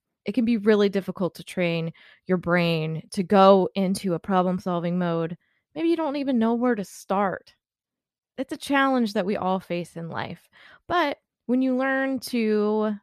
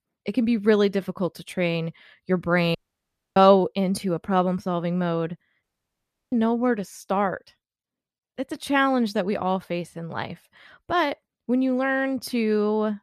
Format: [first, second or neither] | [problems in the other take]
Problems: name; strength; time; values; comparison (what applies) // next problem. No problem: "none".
first | audio cutting out; at 3 s for 0.5 s and at 5.5 s for 0.5 s